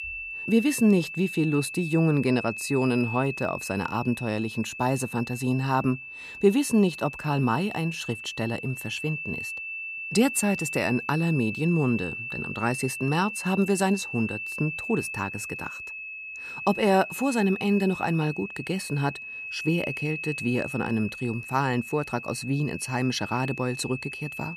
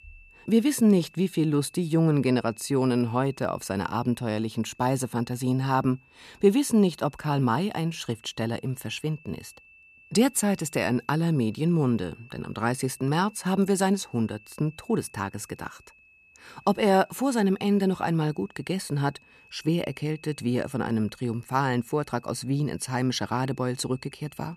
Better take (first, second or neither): second